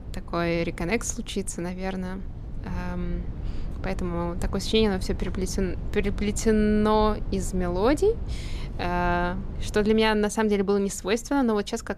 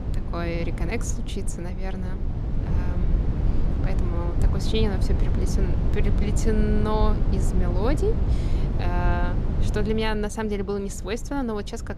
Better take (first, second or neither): first